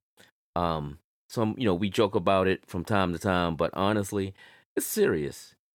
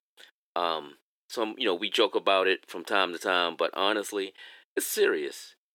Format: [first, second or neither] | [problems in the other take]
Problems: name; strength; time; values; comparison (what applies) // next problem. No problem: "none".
first | thin; somewhat; fading below 350 Hz